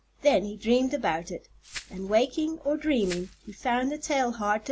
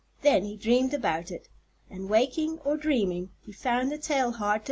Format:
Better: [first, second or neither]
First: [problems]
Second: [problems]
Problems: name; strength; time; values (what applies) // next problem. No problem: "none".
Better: second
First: background sound (Glass); 19 dB below the speech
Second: none